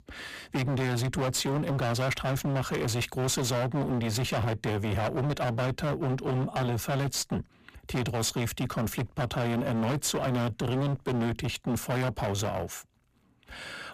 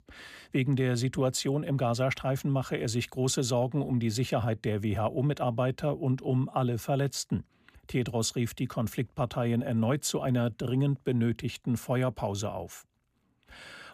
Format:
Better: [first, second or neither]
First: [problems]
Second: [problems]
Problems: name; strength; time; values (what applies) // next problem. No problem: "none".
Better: second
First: distortion; heavy; 33% of the sound clipped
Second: none